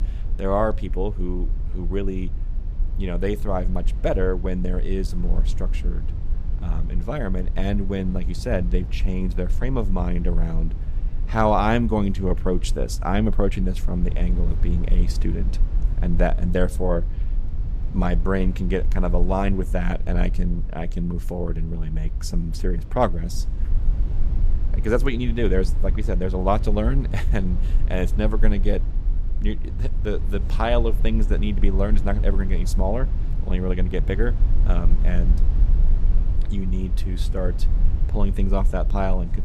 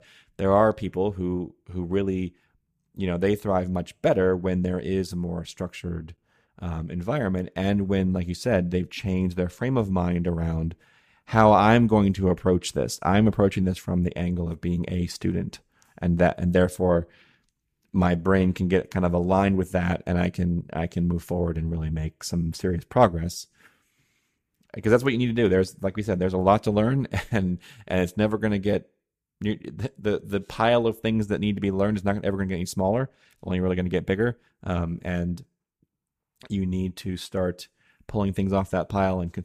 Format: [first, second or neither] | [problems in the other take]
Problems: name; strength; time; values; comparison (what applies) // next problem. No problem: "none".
second | low rumble; noticeable; throughout; 15 dB below the speech